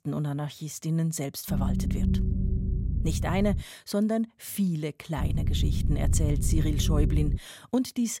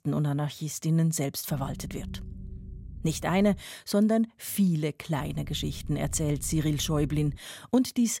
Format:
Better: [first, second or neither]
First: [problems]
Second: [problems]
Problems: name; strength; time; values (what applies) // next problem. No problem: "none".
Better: second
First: low rumble; loud; from 1.5 to 3.5 s and from 5 to 7.5 s; 7 dB below the speech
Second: low rumble; faint; from 1.5 to 3.5 s and from 5 to 7.5 s; 25 dB below the speech